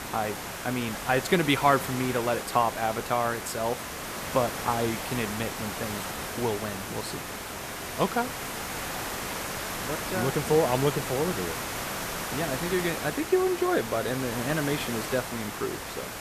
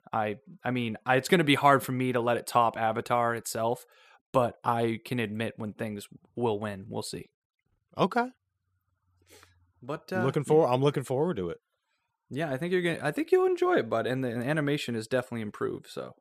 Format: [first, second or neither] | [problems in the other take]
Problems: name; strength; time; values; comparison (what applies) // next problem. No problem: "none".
second | hiss; loud; throughout; 5 dB below the speech